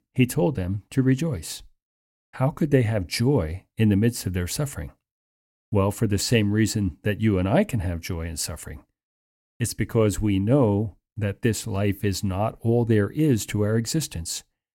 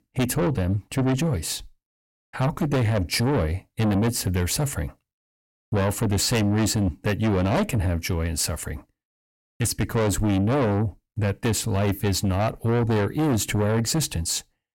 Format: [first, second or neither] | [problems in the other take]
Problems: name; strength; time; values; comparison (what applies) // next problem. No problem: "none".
first | distortion; heavy; 6 dB below the speech